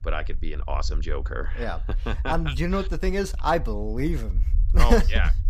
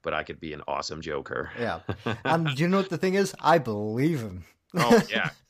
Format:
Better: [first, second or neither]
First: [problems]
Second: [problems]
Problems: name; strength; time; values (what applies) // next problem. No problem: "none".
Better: second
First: low rumble; faint; throughout; 20 dB below the speech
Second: none